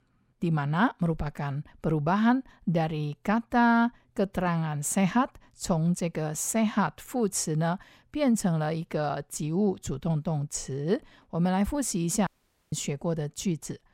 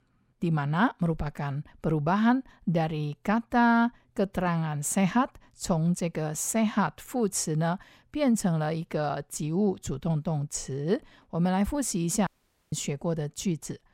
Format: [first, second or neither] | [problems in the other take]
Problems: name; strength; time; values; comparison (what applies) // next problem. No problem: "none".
neither | audio cutting out; at 12 s; the same in both